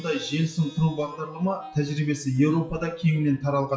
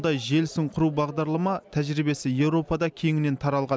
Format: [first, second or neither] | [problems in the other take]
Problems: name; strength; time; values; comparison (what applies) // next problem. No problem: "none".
second | noise reduction (classical method WPE with log-MMSE)